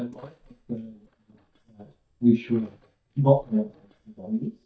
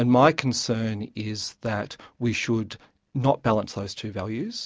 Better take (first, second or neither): second